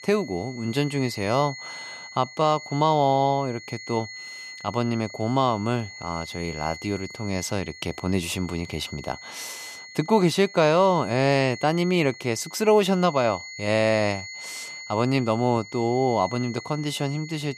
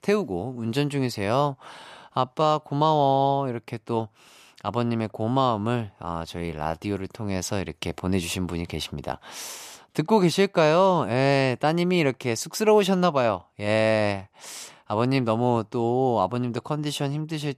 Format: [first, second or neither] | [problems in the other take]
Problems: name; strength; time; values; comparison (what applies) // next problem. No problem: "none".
second | high-pitched whine; noticeable; throughout; 2 kHz, 15 dB below the speech